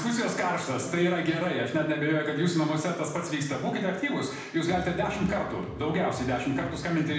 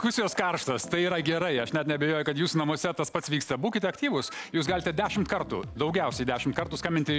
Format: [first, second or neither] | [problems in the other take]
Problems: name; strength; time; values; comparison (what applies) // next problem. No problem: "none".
second | room echo; dies away in 0.8 s